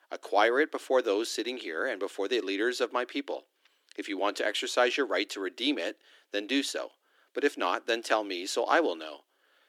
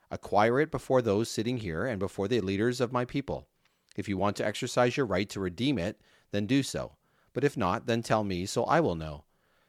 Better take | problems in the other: second | thin; somewhat; fading below 300 Hz

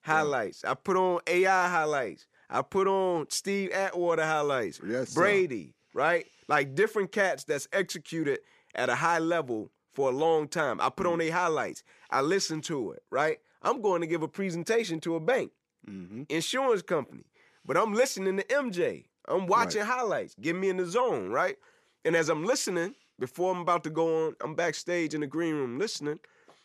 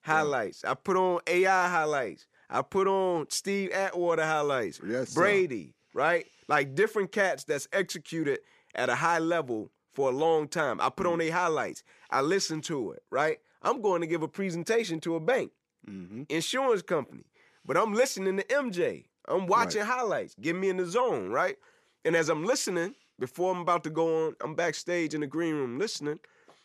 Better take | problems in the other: neither | none

